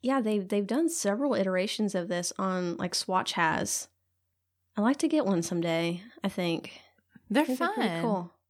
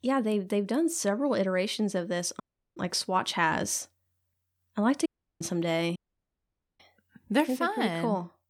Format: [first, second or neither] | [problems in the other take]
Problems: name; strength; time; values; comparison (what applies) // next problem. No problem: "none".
first | audio cutting out; at 2.5 s, at 5 s and at 6 s for 1 s